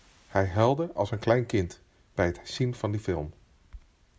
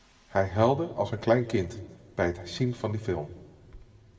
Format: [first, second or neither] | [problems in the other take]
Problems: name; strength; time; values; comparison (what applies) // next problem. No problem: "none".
first | room echo; dies away in 1.5 s